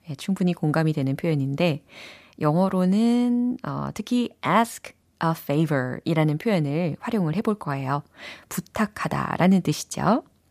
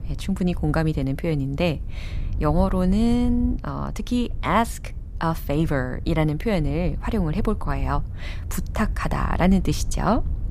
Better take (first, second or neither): first